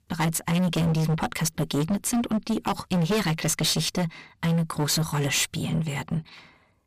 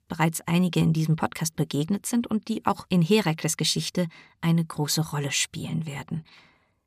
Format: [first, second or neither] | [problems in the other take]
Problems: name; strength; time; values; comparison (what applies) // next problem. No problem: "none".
second | distortion; heavy; 21% of the sound clipped